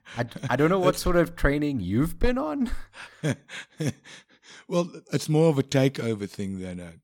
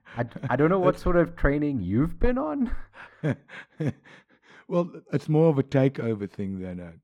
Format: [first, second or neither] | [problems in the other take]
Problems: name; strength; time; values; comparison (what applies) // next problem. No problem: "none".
first | muffled; very; fading above 3 kHz